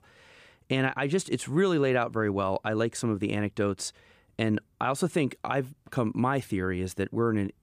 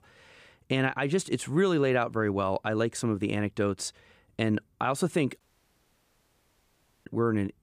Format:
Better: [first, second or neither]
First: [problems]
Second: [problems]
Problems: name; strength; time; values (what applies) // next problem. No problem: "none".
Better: first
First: none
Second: audio cutting out; at 5.5 s for 1.5 s